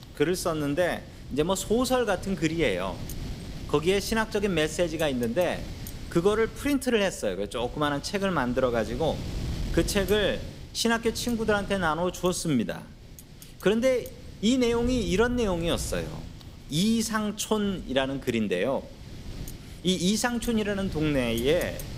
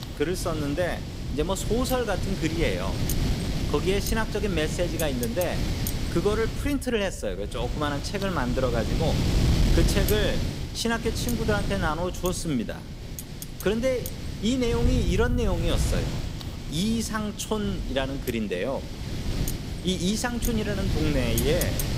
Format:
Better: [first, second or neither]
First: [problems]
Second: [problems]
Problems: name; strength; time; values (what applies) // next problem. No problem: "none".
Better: first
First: wind noise on the microphone; occasional gusts; 20 dB below the speech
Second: wind noise on the microphone; heavy; 7 dB below the speech